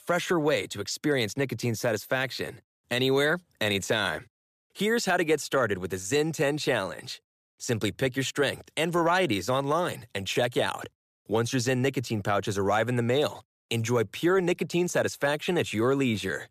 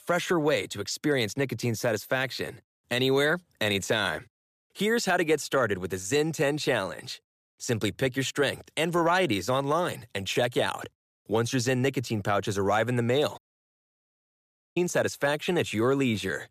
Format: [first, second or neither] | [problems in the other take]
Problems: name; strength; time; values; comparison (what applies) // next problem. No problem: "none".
first | audio cutting out; at 13 s for 1.5 s